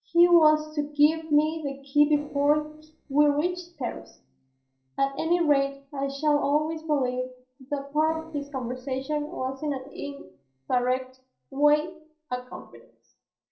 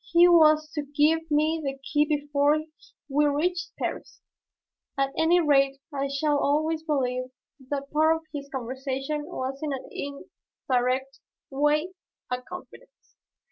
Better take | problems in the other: second | noise reduction (neural separator model SepFormer DNS4)

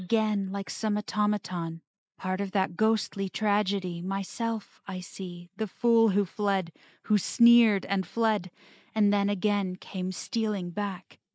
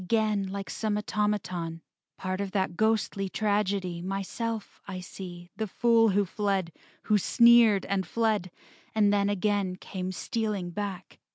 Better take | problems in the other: second | noise reduction (neural mask model Resemble Enhance denoiser)

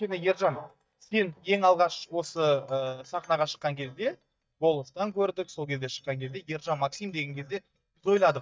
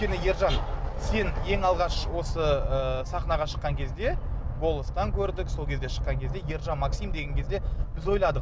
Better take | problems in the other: second | noise reduction (neural mask model DeepFilterNet 3)

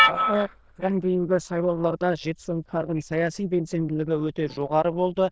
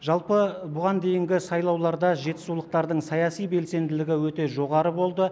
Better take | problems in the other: second | noise reduction (neural diffusion model UNIVERSE++)

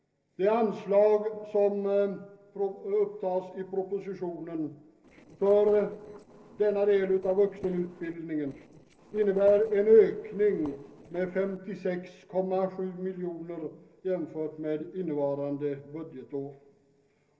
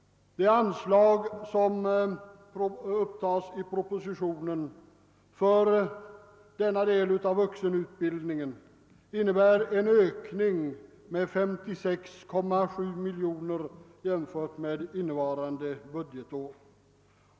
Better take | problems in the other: second | noise reduction (neural separator model SepFormer DNS4)

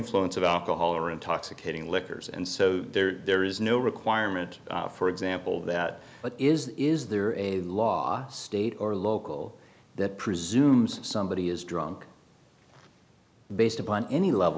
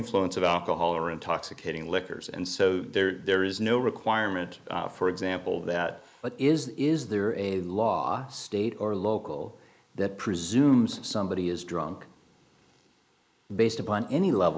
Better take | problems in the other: first | noise reduction (neural mask model Resemble Enhance denoiser)

